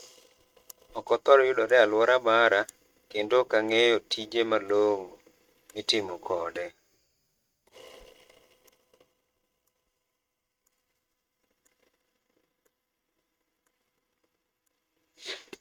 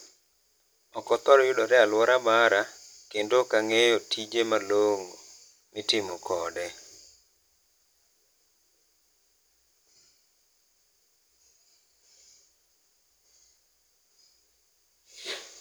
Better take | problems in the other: second | noise reduction (neural mask model RNNoise)

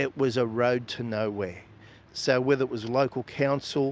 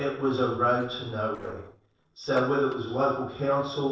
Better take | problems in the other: first | noise reduction (neural separator model SepFormer DNS4)

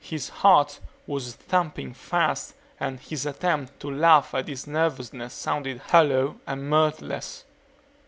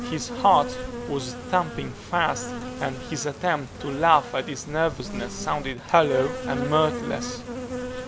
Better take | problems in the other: first | background sound (Insect); 8 dB below the speech

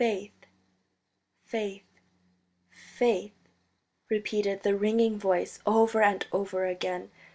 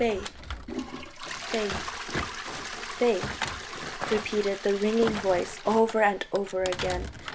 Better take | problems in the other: first | background sound (Thump, thud + Toilet flush); 7 dB below the speech

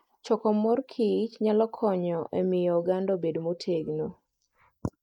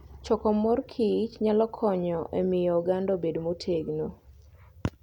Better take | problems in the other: second | noise reduction (neural mask model Resemble Enhance denoiser)

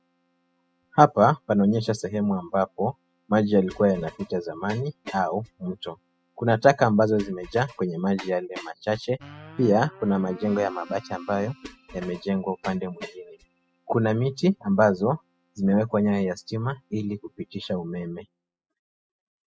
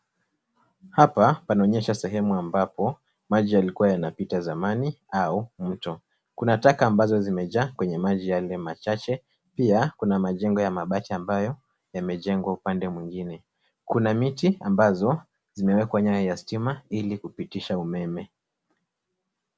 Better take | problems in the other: second | noise reduction (classical method spectral subtraction)

